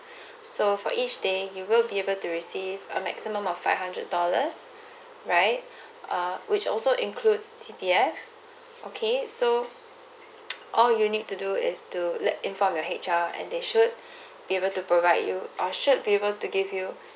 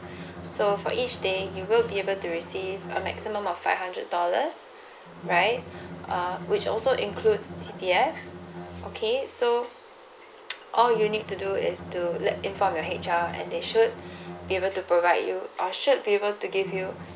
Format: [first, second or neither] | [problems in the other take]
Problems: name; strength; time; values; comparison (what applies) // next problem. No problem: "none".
first | background sound (Bowed string instrument); 14 dB below the speech